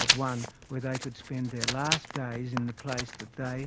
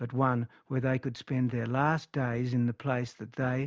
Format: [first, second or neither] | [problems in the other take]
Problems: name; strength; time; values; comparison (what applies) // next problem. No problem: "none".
second | background sound (Writing); as loud as the speech